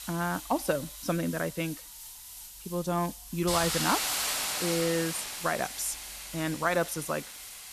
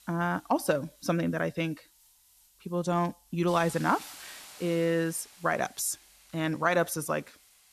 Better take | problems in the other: second | hiss; loud; throughout; 3 dB below the speech; faint in the second

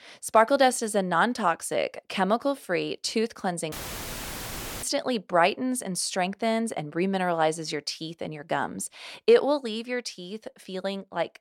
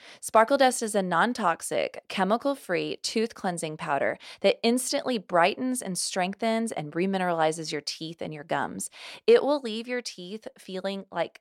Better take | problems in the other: second | audio cutting out; filled with static; at 3.5 s for 1 s

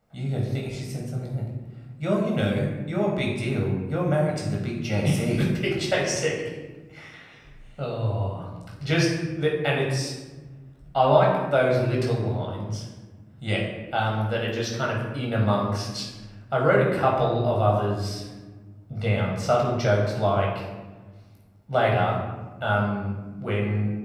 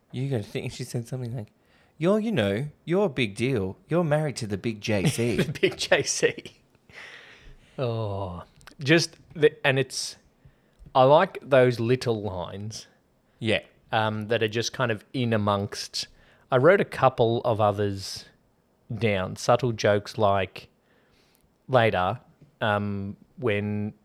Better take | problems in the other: second | off-mic speech; far // room echo; noticeable; dies away in 1.2 s

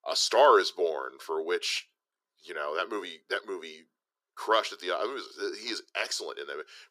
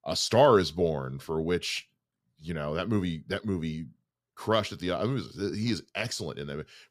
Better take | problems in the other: second | thin; very; fading below 350 Hz

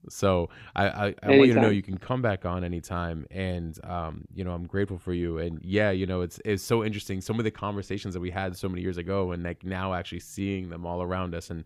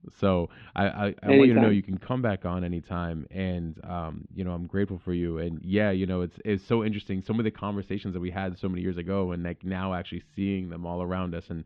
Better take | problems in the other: first | muffled; slightly; fading above 3.5 kHz

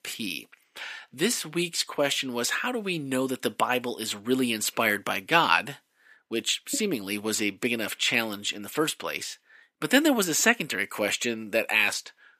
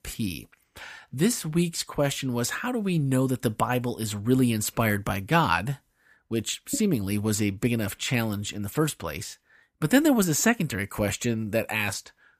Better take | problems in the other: second | thin; somewhat; fading below 350 Hz

